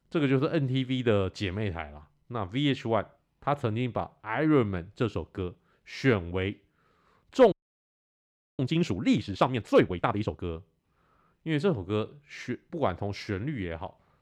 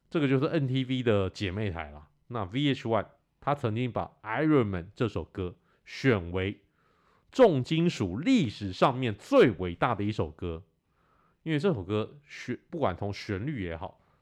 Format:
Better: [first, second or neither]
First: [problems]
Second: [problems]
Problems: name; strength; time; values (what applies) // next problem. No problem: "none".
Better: second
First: audio freezing; at 7.5 s for 1 s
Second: none